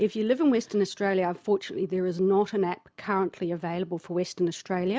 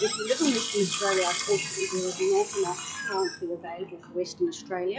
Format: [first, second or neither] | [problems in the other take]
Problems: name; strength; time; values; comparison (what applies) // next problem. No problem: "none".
first | noise reduction (classical method log-MMSE)